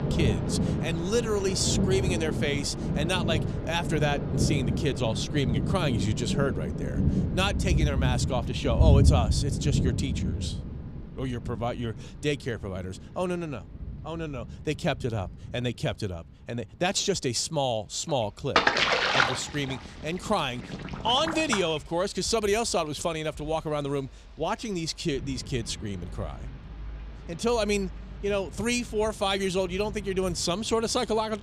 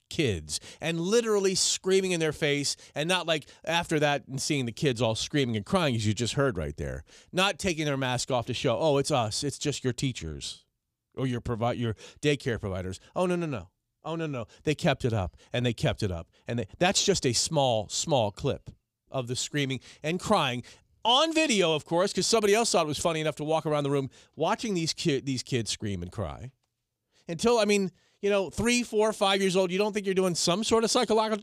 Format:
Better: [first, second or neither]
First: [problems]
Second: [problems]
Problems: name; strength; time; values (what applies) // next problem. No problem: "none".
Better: second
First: rain or running water; very loud; throughout; 1 dB above the speech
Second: none